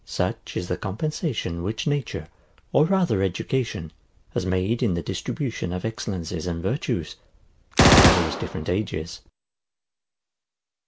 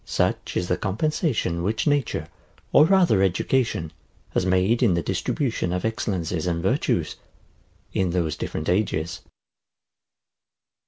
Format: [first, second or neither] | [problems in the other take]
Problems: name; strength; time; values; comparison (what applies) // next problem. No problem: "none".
second | background sound (Gunshot, gunfire); 4 dB above the speech